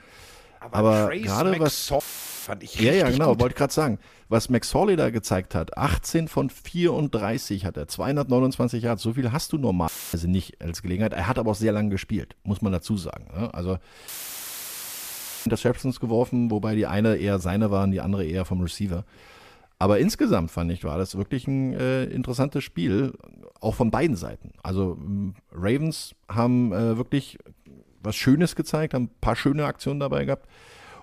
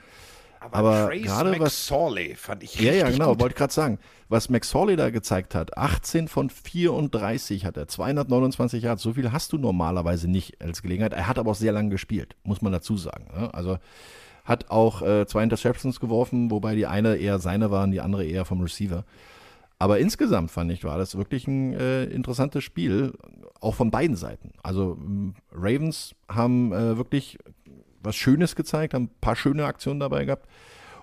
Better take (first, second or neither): second